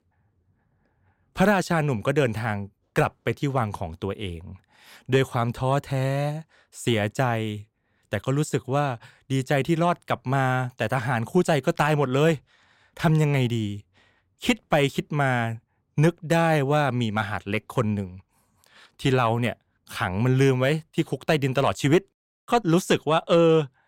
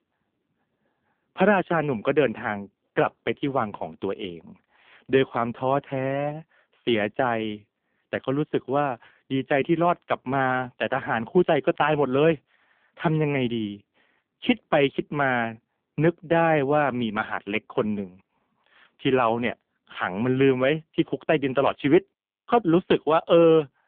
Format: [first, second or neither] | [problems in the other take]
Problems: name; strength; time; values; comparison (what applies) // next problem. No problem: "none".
first | phone-call audio; poor line; nothing above 3.5 kHz